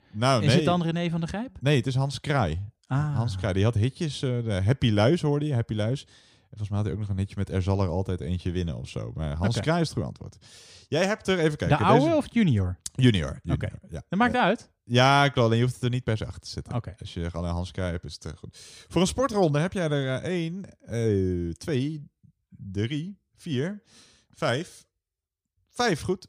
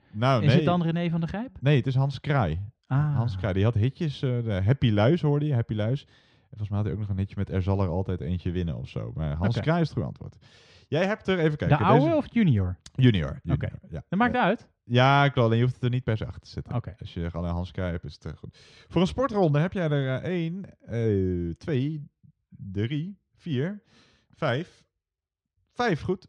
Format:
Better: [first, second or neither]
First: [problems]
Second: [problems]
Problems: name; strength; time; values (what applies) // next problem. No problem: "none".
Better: first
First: none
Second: muffled; slightly; fading above 3.5 kHz